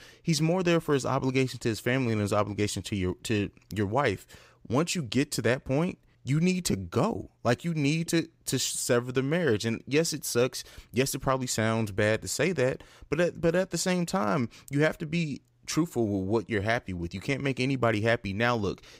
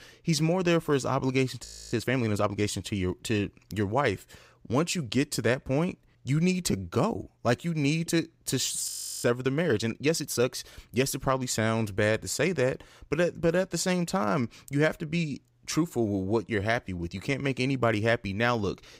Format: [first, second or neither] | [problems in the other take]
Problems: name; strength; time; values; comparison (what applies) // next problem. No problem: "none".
first | audio freezing; at 1.5 s and at 9 s